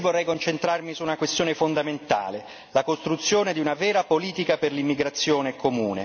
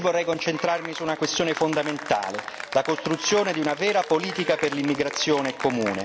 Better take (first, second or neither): first